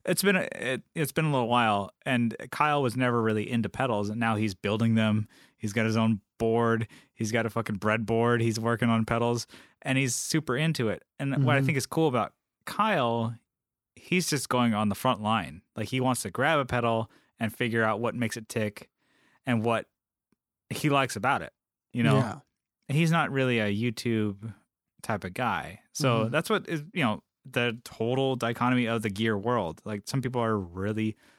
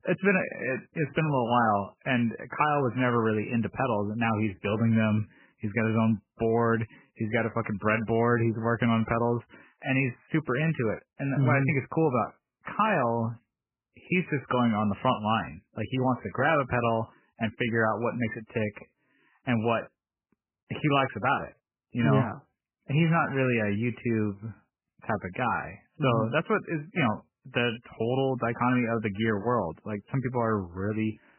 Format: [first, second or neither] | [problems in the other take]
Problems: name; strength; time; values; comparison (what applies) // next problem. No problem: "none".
first | garbled, watery; badly; nothing above 3 kHz